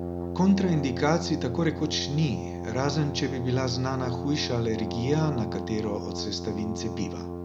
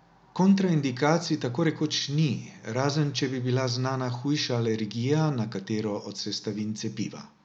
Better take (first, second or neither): second